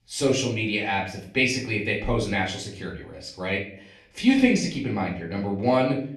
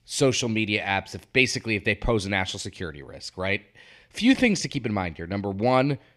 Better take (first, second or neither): second